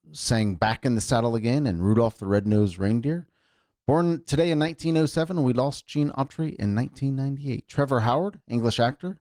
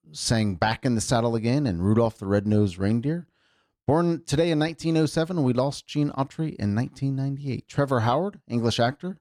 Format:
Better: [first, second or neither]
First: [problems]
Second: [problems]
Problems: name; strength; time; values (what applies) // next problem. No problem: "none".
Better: second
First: garbled, watery; slightly; nothing above 17.5 kHz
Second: none